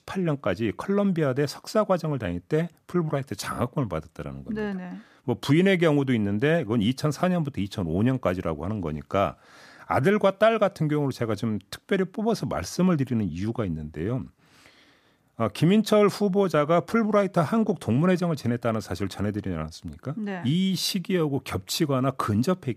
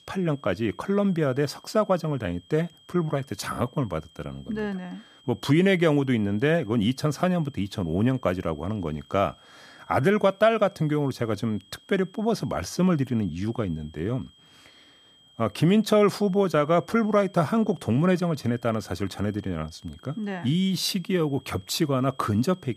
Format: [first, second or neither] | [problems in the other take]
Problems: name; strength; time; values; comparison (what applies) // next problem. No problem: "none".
first | high-pitched whine; faint; throughout; 3 kHz, 30 dB below the speech